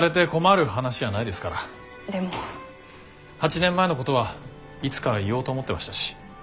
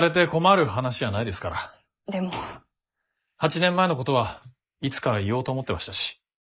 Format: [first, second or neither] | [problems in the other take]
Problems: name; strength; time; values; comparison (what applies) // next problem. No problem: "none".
first | noise reduction (neural mask model Resemble Enhance denoiser)